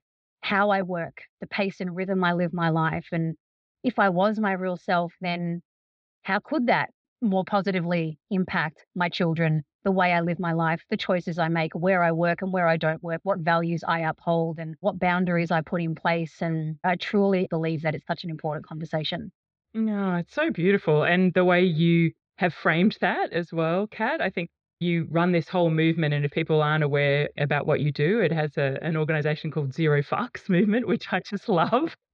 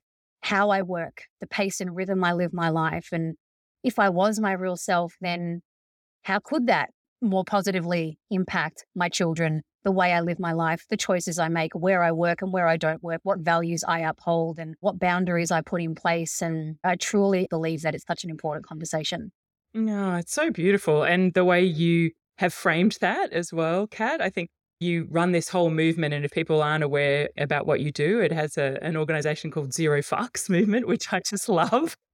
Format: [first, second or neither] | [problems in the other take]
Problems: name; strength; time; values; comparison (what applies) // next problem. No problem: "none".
second | muffled; slightly; fading above 4 kHz